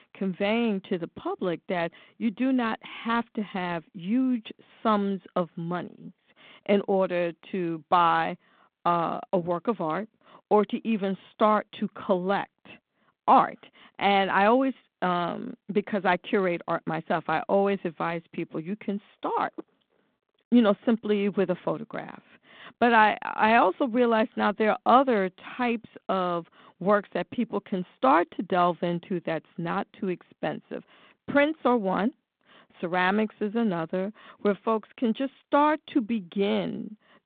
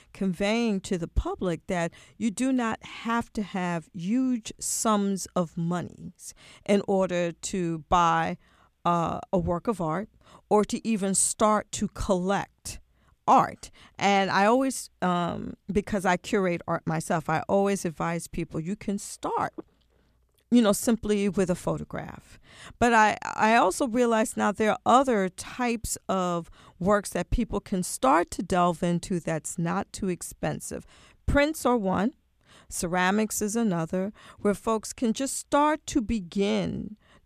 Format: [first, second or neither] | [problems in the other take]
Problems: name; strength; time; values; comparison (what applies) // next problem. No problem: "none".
second | phone-call audio; nothing above 4 kHz